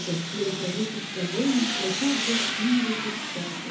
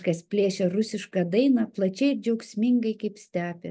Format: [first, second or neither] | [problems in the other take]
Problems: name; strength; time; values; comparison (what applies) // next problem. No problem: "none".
second | background sound (Tools); 2 dB below the speech // room echo; dies away in 0.6 s